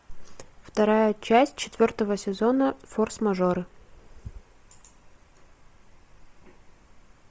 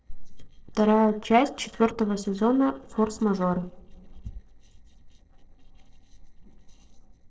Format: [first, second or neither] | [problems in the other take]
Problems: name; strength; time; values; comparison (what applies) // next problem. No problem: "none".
first | noise reduction (neural separator model SepFormer DNS4)